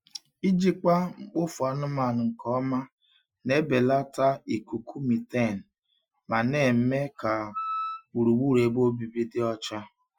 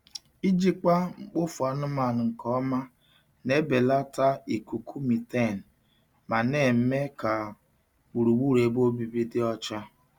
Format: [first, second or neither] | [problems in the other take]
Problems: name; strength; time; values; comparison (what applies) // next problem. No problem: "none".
second | noise reduction (classical method Wiener filter)